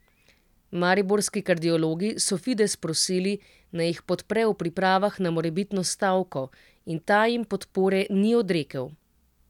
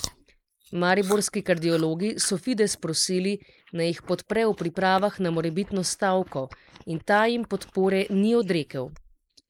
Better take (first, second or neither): first